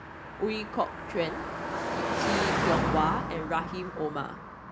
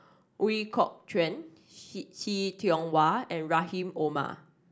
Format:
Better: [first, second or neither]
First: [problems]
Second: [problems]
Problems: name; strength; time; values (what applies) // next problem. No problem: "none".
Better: second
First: background sound (Car passing by); 1 dB above the speech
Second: none